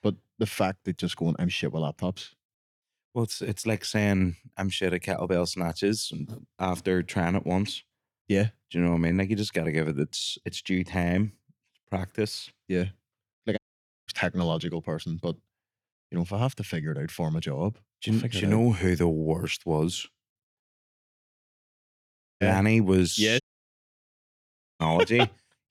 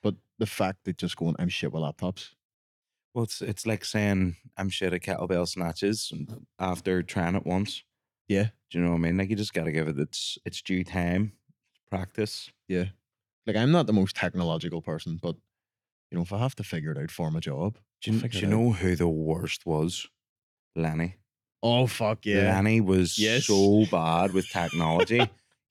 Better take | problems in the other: second | audio cutting out; at 14 s, at 21 s for 2 s and at 23 s for 1.5 s

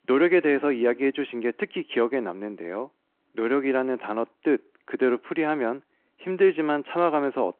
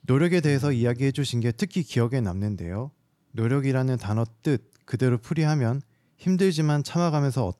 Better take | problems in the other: second | phone-call audio

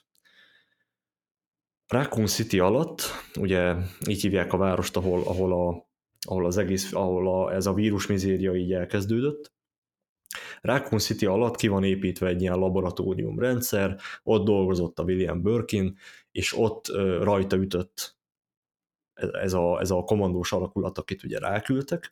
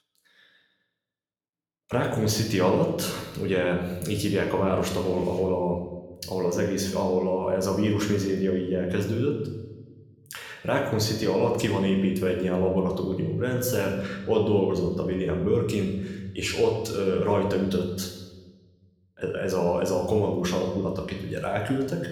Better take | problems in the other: first | room echo; noticeable; dies away in 0.9 s // off-mic speech; somewhat distant

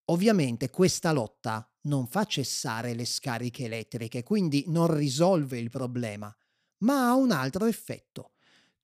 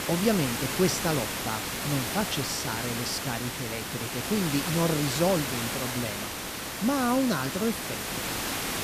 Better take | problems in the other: first | hiss; loud; throughout; 2 dB below the speech

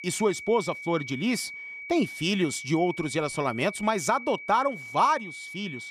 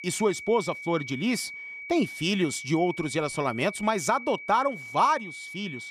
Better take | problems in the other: neither | high-pitched whine; noticeable; throughout; 2.5 kHz, 10 dB below the speech; the same in both

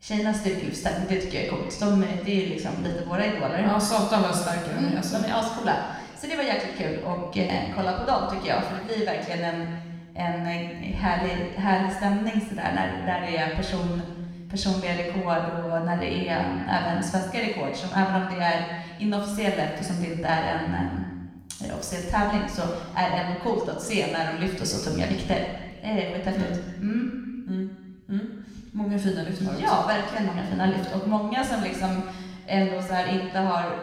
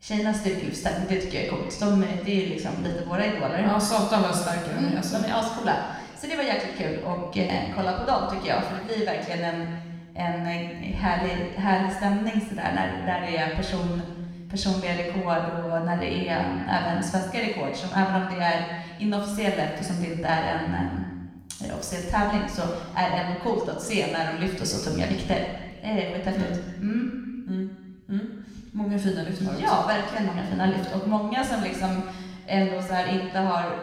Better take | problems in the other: neither | room echo; noticeable; dies away in 1.2 s; the same in both // off-mic speech; far; the same in both

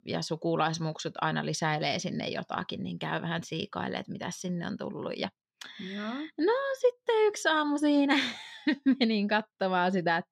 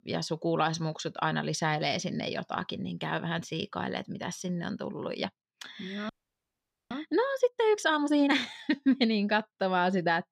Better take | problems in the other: first | audio freezing; at 6 s for 1 s

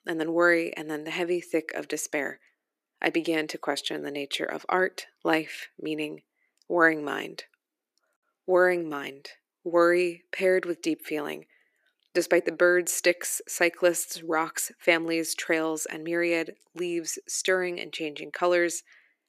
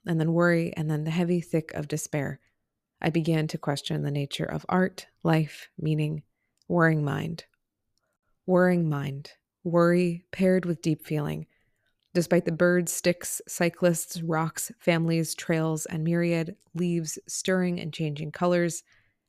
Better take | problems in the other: second | thin; very; fading below 300 Hz

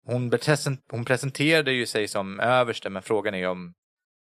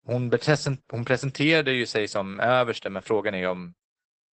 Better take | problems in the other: first | garbled, watery; badly; nothing above 8 kHz

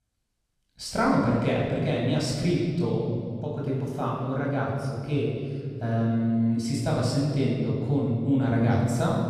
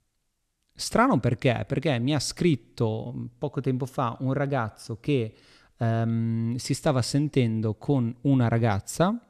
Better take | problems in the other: second | room echo; noticeable; dies away in 2 s // off-mic speech; far

